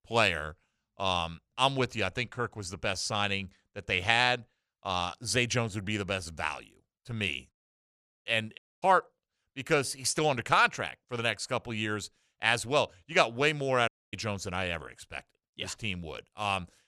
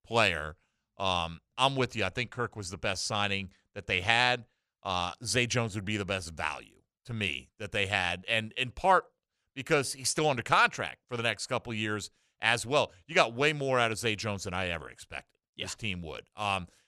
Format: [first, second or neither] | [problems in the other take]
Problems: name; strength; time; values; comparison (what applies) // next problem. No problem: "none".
second | audio cutting out; at 7.5 s for 0.5 s, at 8.5 s and at 14 s